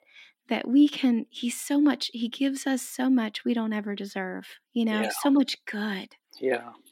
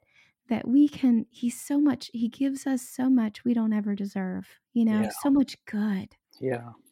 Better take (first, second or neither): second